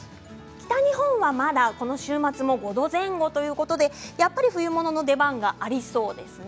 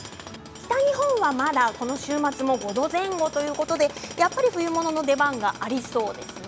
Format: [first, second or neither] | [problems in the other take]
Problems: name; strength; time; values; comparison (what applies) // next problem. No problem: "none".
first | background sound (Tools); 15 dB below the speech